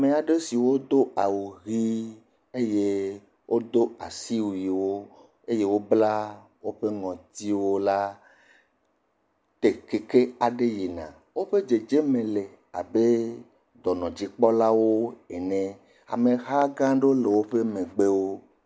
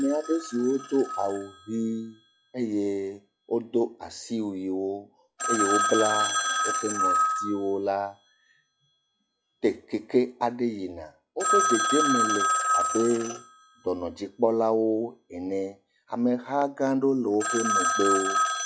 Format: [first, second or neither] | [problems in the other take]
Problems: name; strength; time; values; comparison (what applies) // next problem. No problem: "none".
first | noise reduction (classical method log-MMSE)